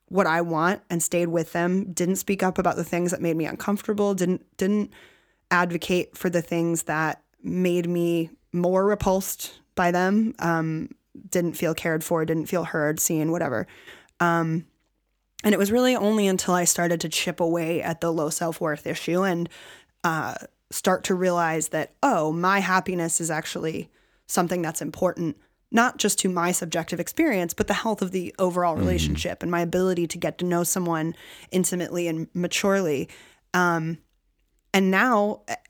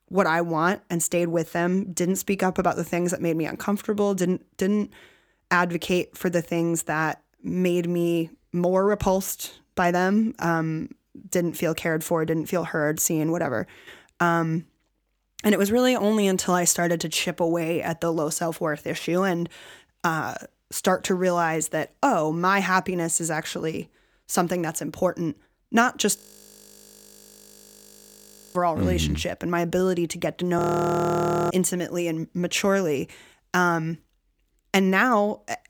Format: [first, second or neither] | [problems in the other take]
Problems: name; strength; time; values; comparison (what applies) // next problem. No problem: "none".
first | audio freezing; at 26 s for 2.5 s and at 31 s for 1 s